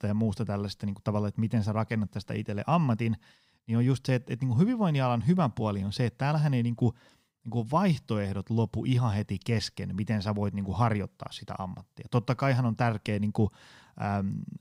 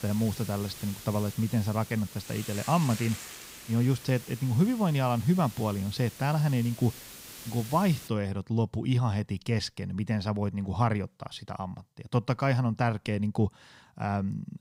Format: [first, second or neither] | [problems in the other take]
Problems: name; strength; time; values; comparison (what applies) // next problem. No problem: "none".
first | hiss; noticeable; until 8 s; 15 dB below the speech